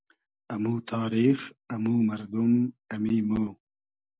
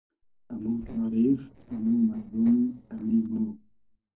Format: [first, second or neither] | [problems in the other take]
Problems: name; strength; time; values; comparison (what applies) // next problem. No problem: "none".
first | noise reduction (neural separator model SepFormer DNS4)